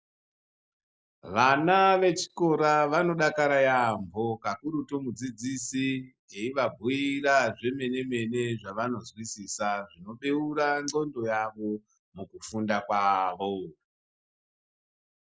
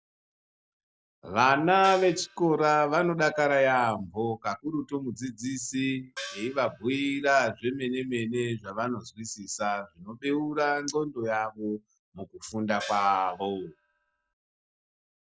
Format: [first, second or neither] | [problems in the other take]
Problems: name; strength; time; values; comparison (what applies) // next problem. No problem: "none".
first | noise reduction (neural separator model SepFormer DNS4)